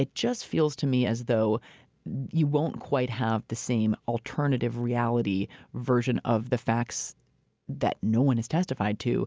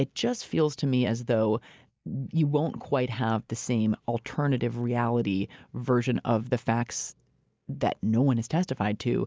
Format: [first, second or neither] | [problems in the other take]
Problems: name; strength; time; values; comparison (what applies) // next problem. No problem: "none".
first | noise reduction (neural mask model Resemble Enhance denoiser)